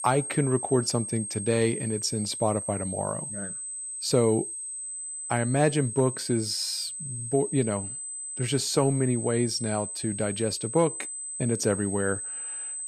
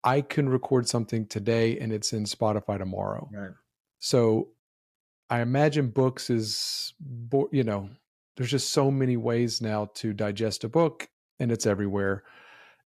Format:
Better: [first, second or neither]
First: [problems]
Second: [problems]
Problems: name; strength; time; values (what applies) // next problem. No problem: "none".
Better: second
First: high-pitched whine; loud; throughout; 8 kHz, 6 dB below the speech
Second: none